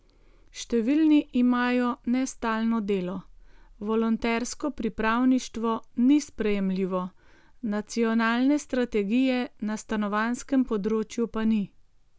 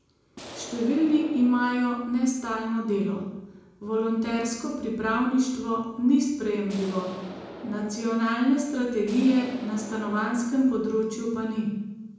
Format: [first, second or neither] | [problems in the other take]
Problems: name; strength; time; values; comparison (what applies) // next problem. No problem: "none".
first | background sound (Explosion); 17 dB below the speech // room echo; dies away in 0.9 s